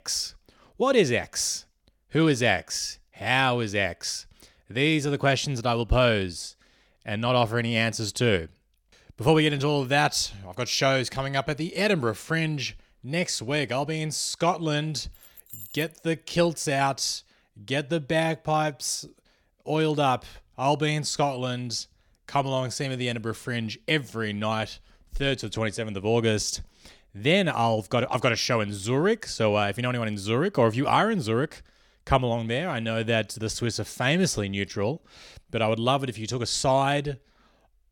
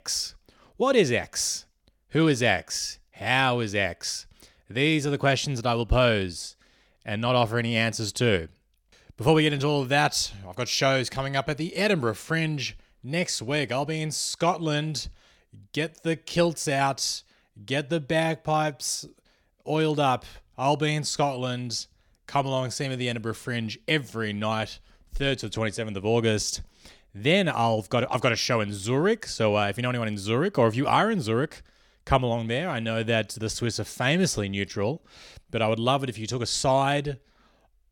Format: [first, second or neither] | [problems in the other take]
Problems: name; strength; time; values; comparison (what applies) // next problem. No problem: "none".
second | jangling keys; faint; at 15 s; peak 15 dB below the speech